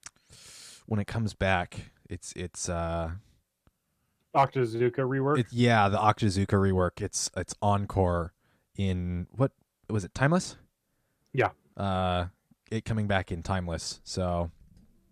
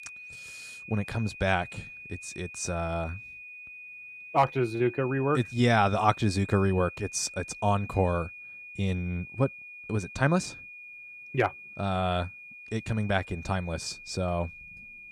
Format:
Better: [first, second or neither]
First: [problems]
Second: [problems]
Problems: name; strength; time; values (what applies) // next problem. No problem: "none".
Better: first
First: none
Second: high-pitched whine; noticeable; throughout; 2.5 kHz, 15 dB below the speech